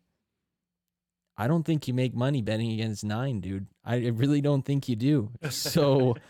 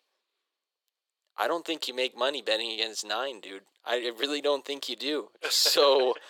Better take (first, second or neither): first